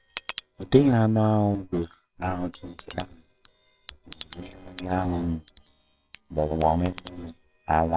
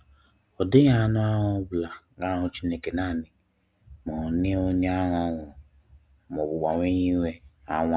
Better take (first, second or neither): second